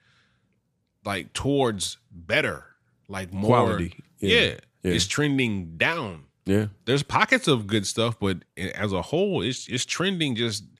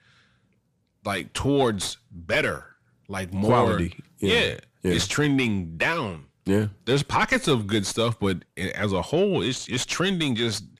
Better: first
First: none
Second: distortion; slight; 9 dB below the speech

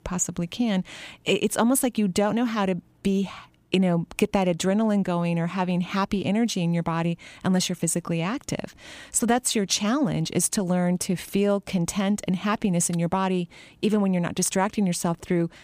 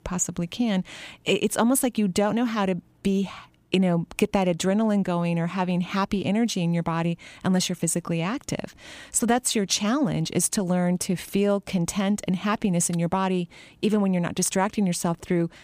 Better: neither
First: none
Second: none

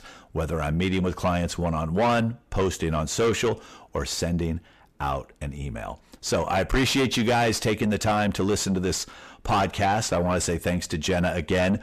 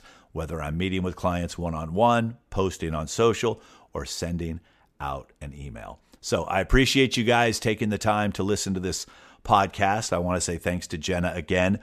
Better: second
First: distortion; heavy; 7 dB below the speech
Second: none

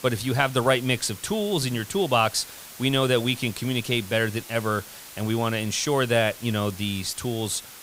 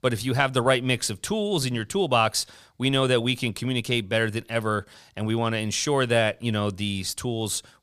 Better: second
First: hiss; noticeable; throughout; 15 dB below the speech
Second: none

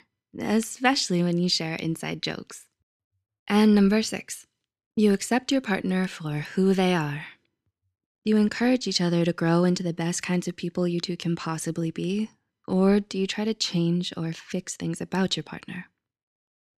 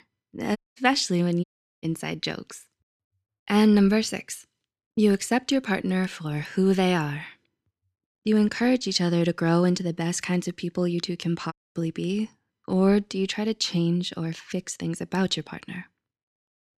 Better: first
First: none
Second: audio cutting out; at 0.5 s, at 1.5 s and at 12 s

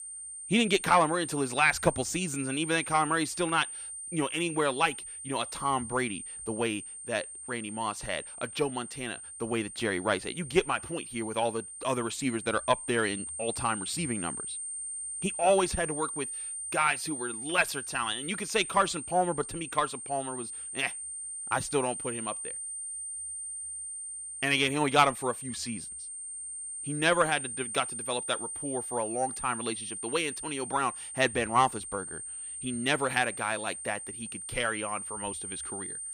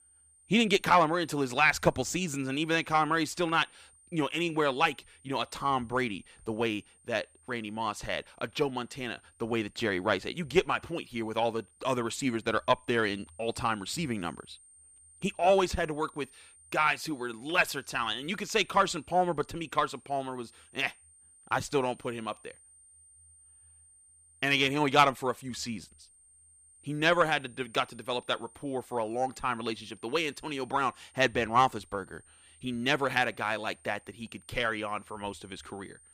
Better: second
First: high-pitched whine; loud; throughout; 9 kHz, 7 dB below the speech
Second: high-pitched whine; faint; throughout; 9 kHz, 25 dB below the speech

